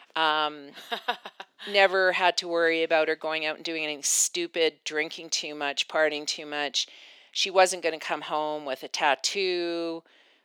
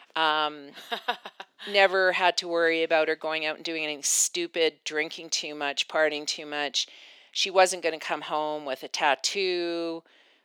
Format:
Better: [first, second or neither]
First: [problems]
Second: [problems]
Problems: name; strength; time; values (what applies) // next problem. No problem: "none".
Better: neither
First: thin; very; fading below 400 Hz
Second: thin; very; fading below 400 Hz